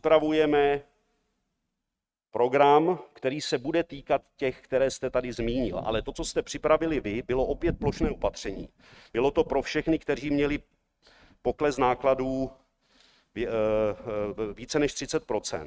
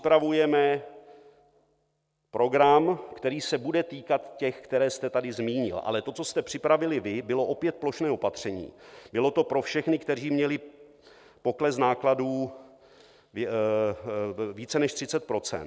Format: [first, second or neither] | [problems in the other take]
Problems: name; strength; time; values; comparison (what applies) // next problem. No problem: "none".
second | noise reduction (neural mask model RNNoise)